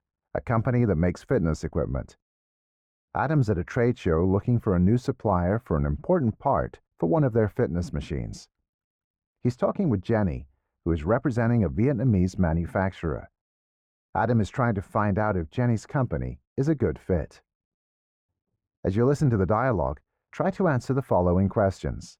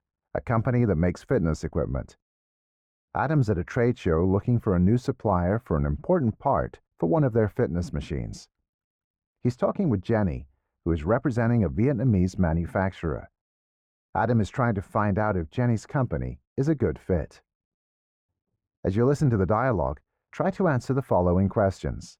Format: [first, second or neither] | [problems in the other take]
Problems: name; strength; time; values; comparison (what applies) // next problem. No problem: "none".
neither | muffled; very; fading above 2.5 kHz; the same in both